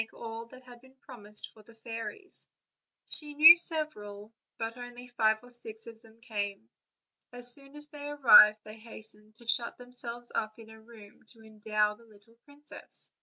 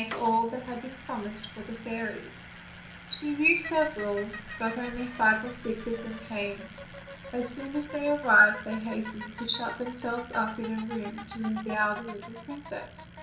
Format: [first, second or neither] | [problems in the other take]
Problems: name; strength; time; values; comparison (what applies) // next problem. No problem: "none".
first | background sound (Bicycle); 13 dB below the speech // room echo; dies away in 0.6 s